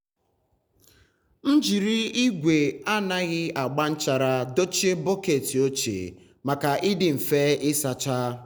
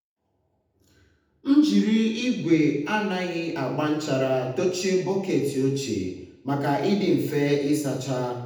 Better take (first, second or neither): first